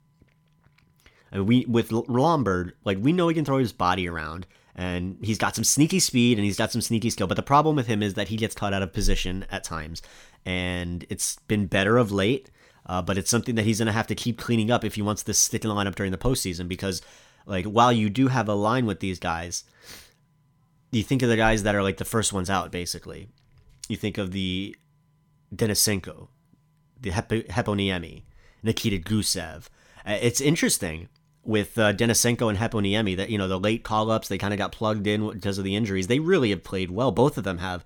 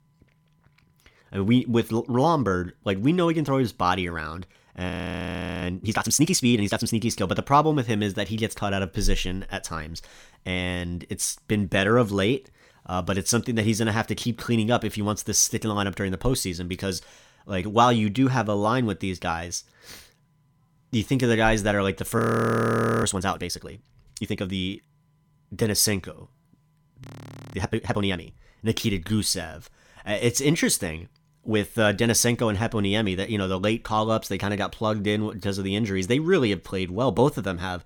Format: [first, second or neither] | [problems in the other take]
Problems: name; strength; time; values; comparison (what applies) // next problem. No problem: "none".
first | audio freezing; at 5 s for 0.5 s, at 22 s for 1 s and at 27 s for 0.5 s